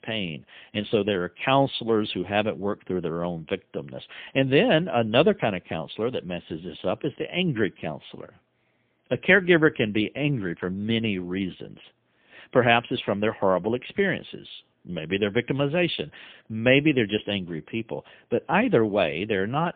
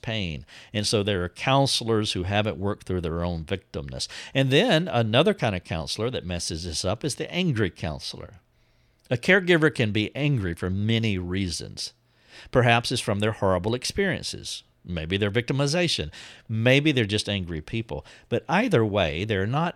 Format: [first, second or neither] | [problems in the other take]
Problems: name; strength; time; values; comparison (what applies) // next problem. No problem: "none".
second | phone-call audio; poor line